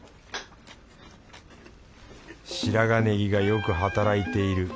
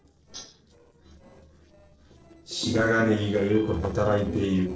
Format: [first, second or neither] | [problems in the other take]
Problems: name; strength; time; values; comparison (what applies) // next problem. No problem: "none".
first | noise reduction (neural separator model SepFormer DNS4)